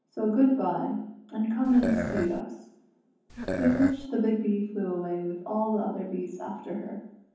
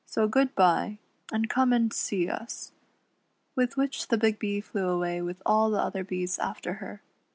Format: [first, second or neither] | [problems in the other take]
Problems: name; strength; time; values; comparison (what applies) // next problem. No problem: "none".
second | background sound (Burping, eructation); 4 dB below the speech // room echo; dies away in 0.9 s